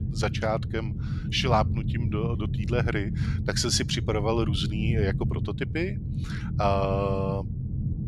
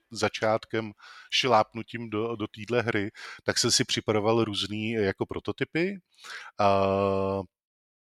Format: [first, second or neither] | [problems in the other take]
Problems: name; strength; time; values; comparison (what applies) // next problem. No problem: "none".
second | low rumble; noticeable; throughout; 10 dB below the speech